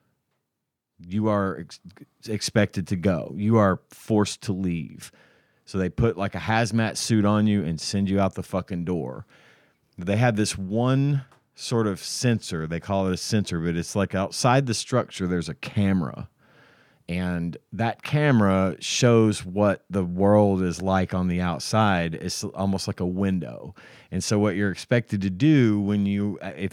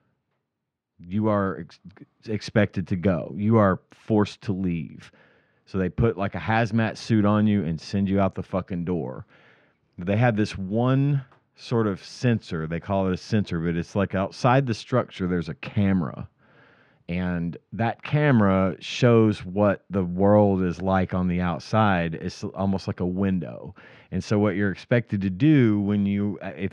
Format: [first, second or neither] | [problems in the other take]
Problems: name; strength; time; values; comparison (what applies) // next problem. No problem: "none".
first | muffled; slightly; fading above 3 kHz